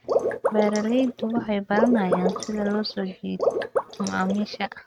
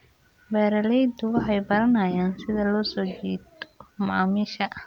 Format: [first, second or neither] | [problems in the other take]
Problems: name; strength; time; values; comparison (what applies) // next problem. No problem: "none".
second | noise reduction (neural mask model RNNoise)